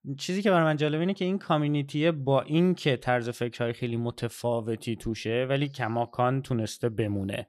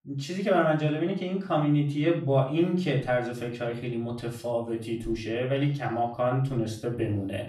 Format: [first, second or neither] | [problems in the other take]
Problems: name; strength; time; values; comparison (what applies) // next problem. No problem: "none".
first | off-mic speech; far // room echo; slight; dies away in 0.4 s